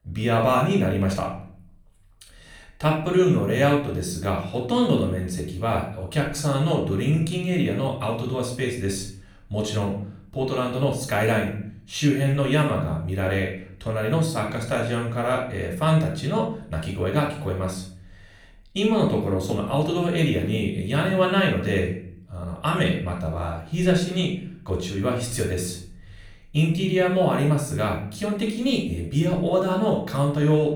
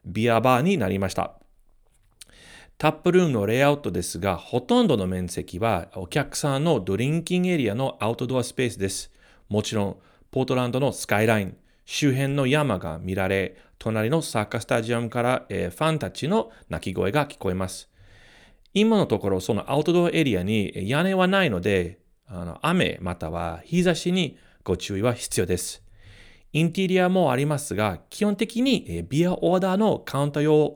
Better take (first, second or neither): second